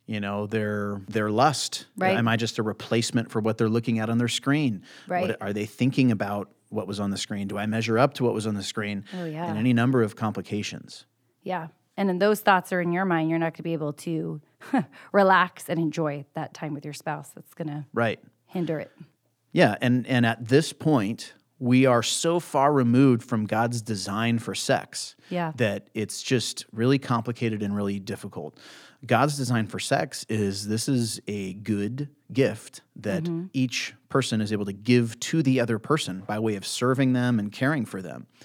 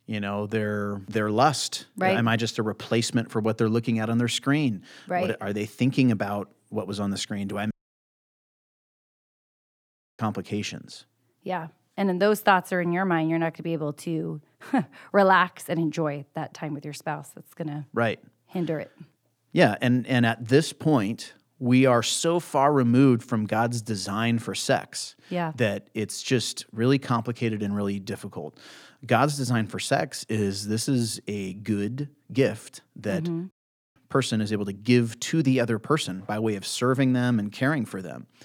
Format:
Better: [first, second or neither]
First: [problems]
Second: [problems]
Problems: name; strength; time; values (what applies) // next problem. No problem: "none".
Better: first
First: none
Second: audio cutting out; at 7.5 s for 2.5 s and at 34 s